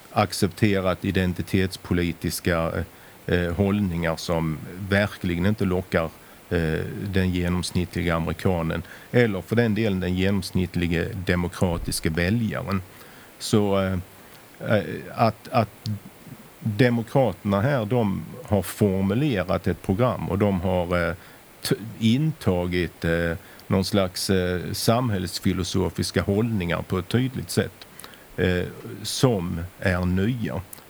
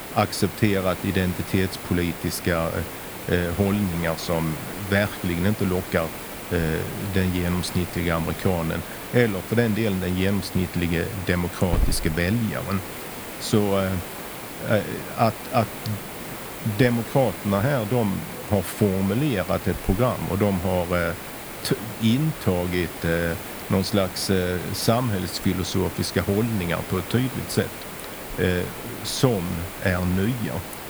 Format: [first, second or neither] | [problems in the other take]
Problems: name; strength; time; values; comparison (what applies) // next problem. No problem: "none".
first | hiss; loud; throughout; 9 dB below the speech; faint in the first